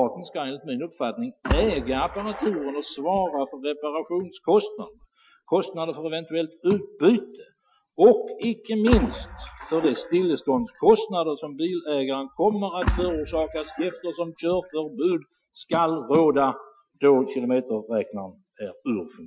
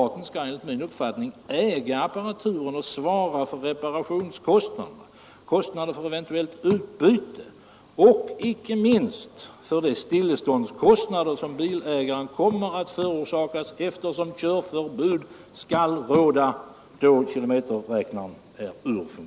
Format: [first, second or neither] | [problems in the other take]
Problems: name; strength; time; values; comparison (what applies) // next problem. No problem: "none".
second | noise reduction (classical method Wiener filter)